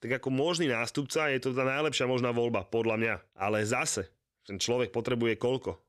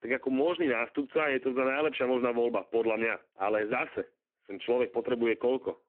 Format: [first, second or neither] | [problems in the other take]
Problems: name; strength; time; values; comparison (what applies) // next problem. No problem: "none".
first | phone-call audio; poor line